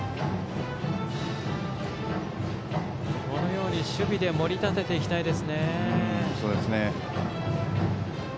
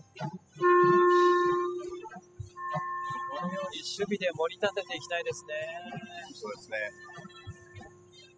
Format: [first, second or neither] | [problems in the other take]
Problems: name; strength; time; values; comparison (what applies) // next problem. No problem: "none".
first | noise reduction (classical method spectral subtraction)